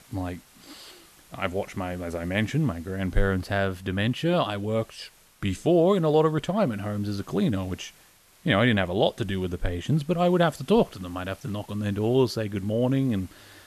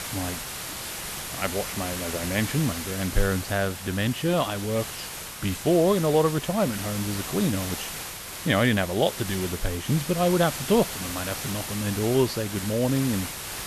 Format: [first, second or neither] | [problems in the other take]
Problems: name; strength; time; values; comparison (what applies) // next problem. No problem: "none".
first | hiss; loud; throughout; 7 dB below the speech; faint in the first